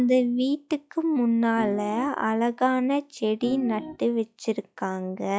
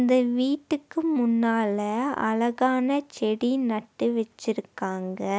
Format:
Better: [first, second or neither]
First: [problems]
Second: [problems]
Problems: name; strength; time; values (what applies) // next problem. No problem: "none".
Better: second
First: noise reduction (classical method log-MMSE)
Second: none